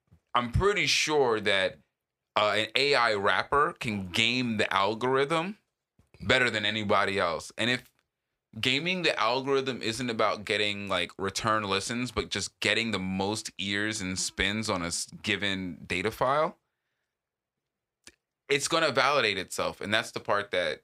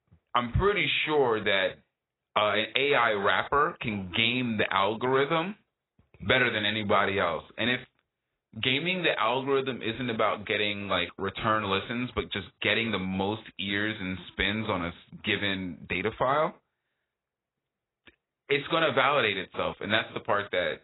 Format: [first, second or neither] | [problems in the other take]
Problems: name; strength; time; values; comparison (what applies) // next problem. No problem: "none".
first | garbled, watery; badly; nothing above 4 kHz